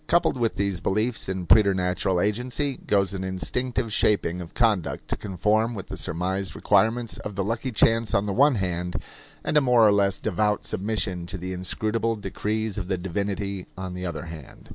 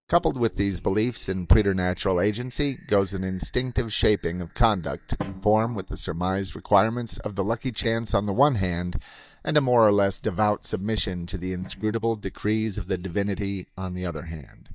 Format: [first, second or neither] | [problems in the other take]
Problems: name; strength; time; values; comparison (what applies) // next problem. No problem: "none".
first | noise reduction (neural mask model DeepFilterNet 3)